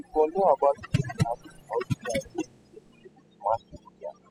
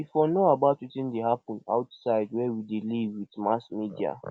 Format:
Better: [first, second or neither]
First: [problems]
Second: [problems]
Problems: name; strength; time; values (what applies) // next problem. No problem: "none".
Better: second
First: noise reduction (classical method spectral subtraction)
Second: none